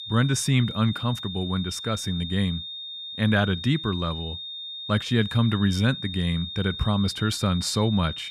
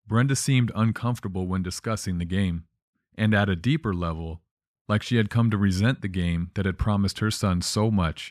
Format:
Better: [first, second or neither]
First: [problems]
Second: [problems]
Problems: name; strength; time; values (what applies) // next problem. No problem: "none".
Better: second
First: high-pitched whine; loud; throughout; 3.5 kHz, 8 dB below the speech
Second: none